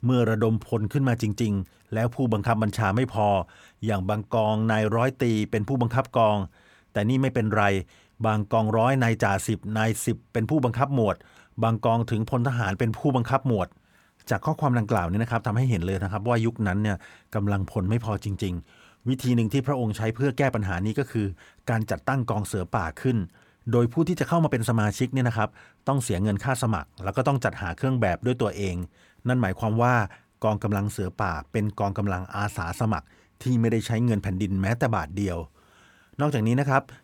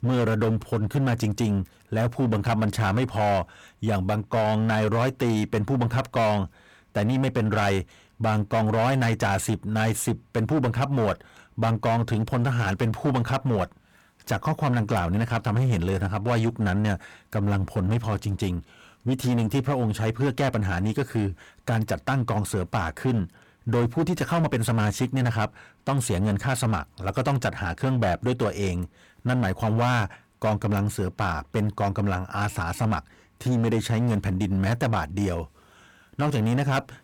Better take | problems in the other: first | distortion; slight; 13% of the sound clipped

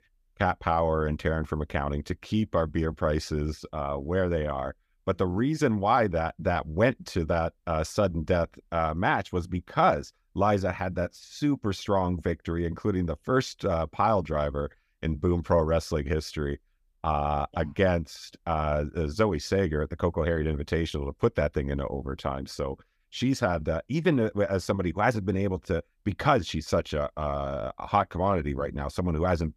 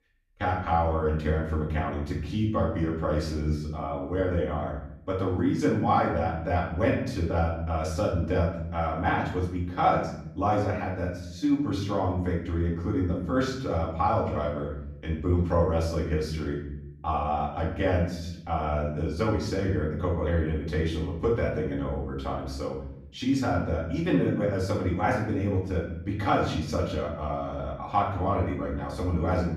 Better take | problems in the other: first | off-mic speech; far // room echo; noticeable; dies away in 0.8 s

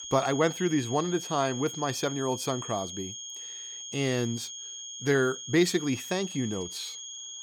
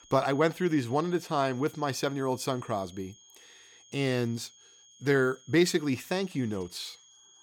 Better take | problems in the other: second | high-pitched whine; loud; throughout; 6.5 kHz, 8 dB below the speech; faint in the second

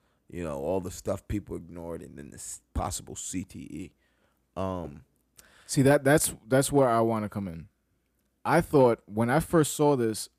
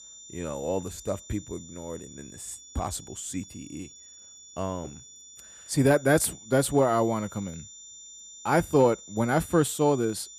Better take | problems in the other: first | high-pitched whine; noticeable; throughout; 7 kHz, 20 dB below the speech

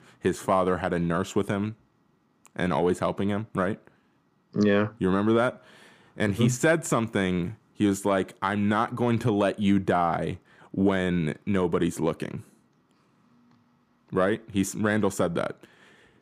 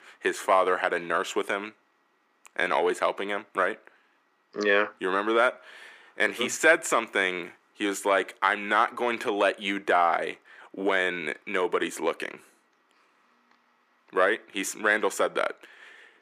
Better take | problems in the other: first | thin; very; fading below 400 Hz

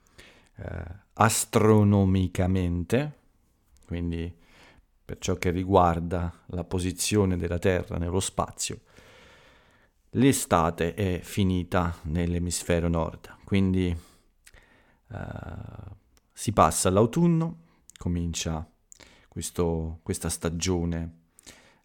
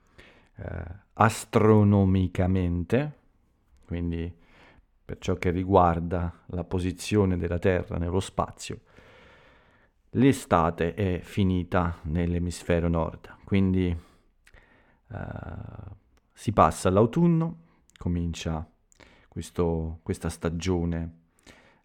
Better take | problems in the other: first | muffled; slightly; fading above 4 kHz

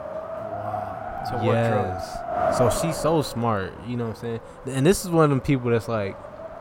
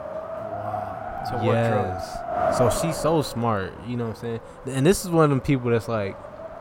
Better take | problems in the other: neither | wind noise on the microphone; heavy; 2 dB below the speech; the same in both

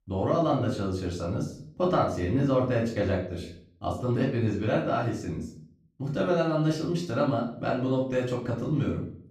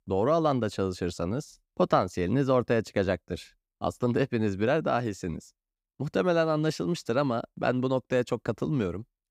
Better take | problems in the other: second | off-mic speech; far // room echo; slight; dies away in 0.5 s

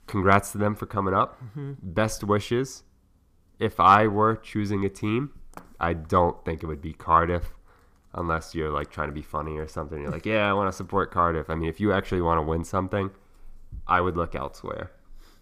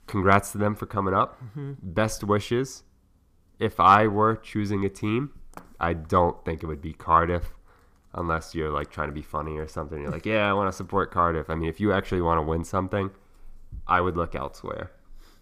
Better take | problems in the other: neither | none

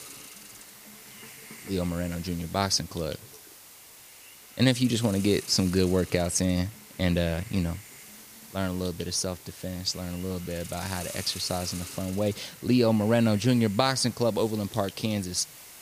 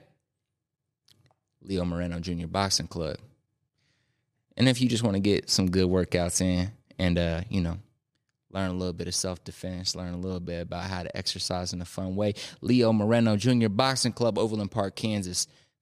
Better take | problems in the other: second | hiss; noticeable; throughout; 15 dB below the speech

